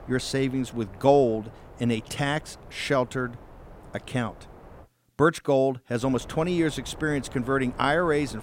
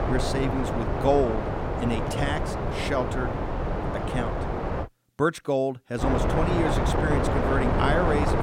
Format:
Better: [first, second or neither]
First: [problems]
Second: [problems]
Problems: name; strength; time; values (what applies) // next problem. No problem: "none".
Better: first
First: wind noise on the microphone; occasional gusts; until 5 s and from 6 s on; 20 dB below the speech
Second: wind noise on the microphone; heavy; until 5 s and from 6 s on; as loud as the speech